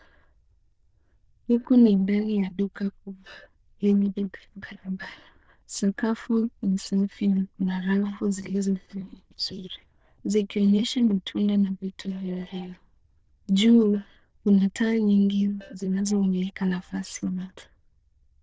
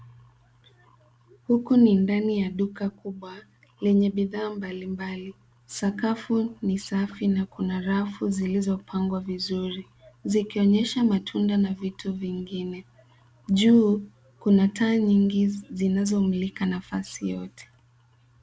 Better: second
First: noise reduction (neural diffusion model UNIVERSE++)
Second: none

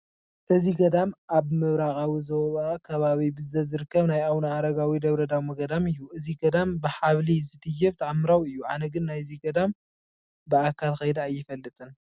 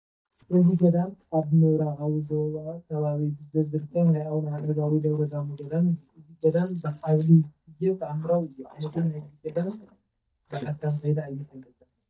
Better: first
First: none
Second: noise reduction (neural mask model DeepFilterNet 3)

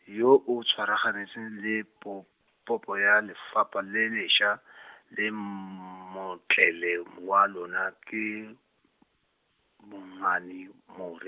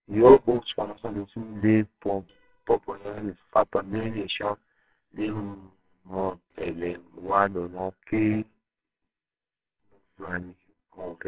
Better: first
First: none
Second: noise reduction (neural separator model SepFormer WHAMR!)

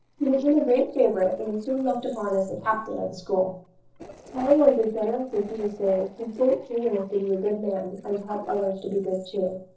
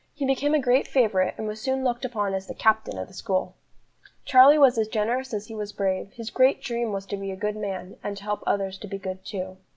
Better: second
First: noise reduction (neural separator model SepFormer DNS4)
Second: none

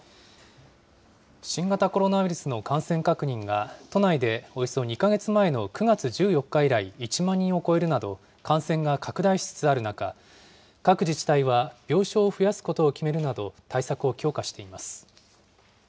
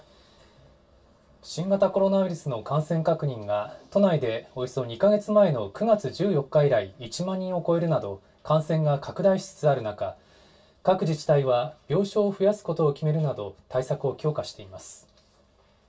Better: first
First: none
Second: room echo; dies away in 0.1 s

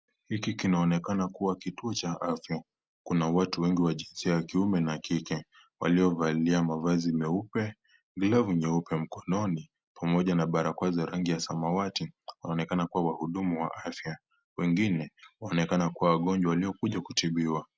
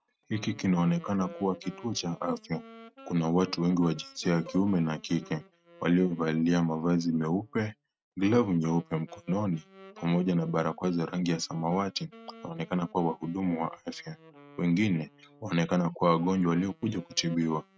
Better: first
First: none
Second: noise reduction (neural mask model RNNoise)

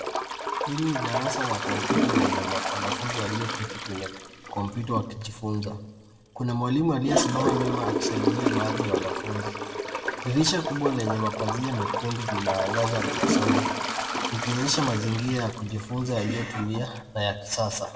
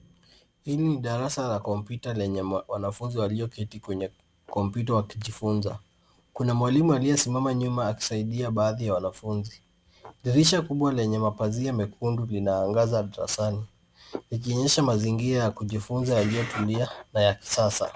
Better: second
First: background sound (Toilet flush / Gurgling); as loud as the speech // room echo; dies away in 1 s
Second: none

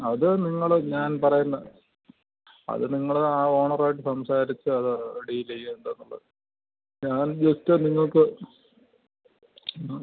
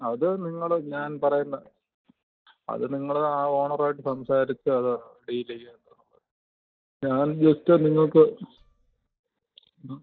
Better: first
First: none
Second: noise reduction (neural mask model DeepFilterNet 3)

